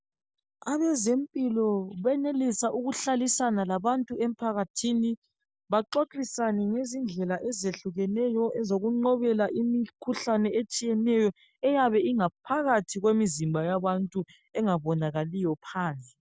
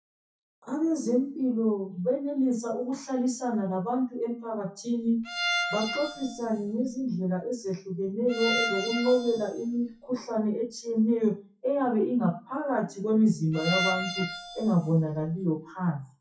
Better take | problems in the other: first | noise reduction (classical method WPE with log-MMSE)

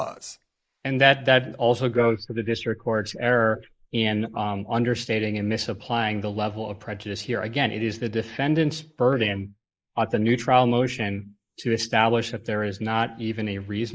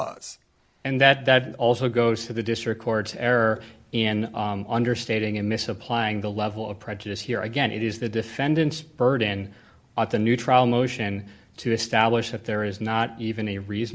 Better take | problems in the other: second | noise reduction (neural mask model Resemble Enhance denoiser)

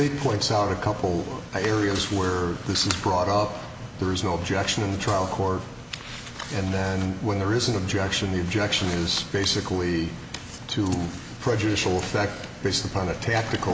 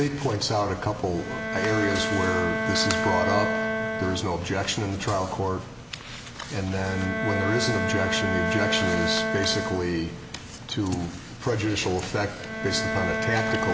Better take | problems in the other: first | background sound (Bowed string instrument); 3 dB below the speech

